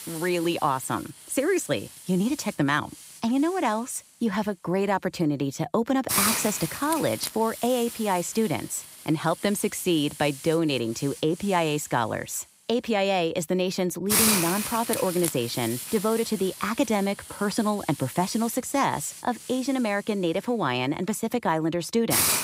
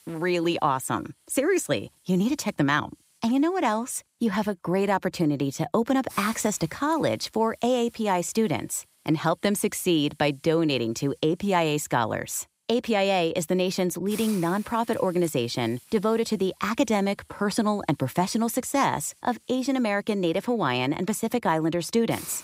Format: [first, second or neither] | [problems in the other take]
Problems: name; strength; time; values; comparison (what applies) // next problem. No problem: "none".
second | hiss; loud; throughout; 4 dB below the speech; faint in the second